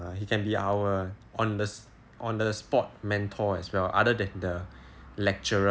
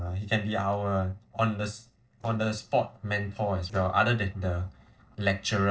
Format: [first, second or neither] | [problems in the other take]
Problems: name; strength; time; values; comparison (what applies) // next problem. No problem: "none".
first | noise reduction (neural separator model SepFormer DNS4)